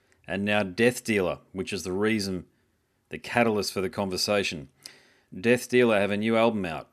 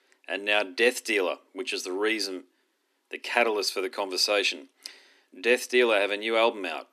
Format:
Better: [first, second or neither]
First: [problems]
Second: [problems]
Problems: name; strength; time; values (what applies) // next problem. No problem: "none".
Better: first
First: none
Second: thin; somewhat; fading below 250 Hz